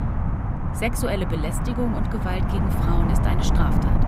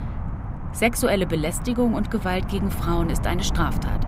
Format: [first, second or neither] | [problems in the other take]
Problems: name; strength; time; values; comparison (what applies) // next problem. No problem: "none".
second | wind noise on the microphone; heavy; 1 dB below the speech; occasional gusts in the second